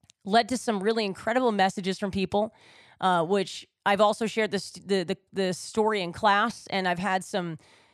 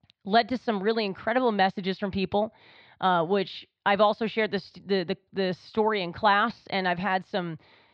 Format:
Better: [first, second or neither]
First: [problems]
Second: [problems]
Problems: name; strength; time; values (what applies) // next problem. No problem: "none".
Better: first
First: none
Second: muffled; very slightly; fading above 4 kHz